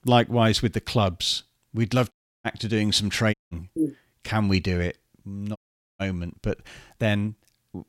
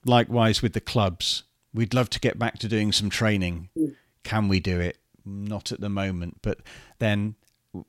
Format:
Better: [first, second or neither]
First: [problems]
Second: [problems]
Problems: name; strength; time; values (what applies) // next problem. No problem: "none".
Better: second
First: audio cutting out; at 2 s, at 3.5 s and at 5.5 s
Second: none